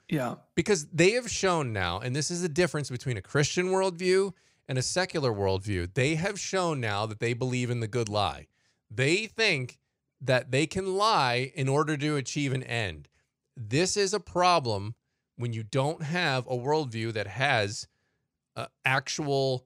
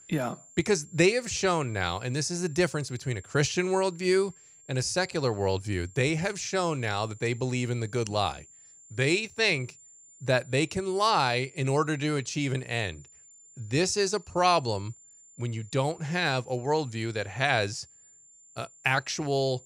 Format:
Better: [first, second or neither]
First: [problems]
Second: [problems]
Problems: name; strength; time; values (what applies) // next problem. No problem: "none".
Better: first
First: none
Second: high-pitched whine; faint; throughout; 7 kHz, 25 dB below the speech